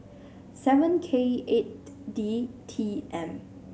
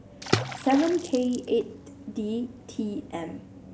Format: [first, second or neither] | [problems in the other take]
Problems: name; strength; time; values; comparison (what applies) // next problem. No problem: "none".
first | background sound (Water / Splash, splatter); 7 dB below the speech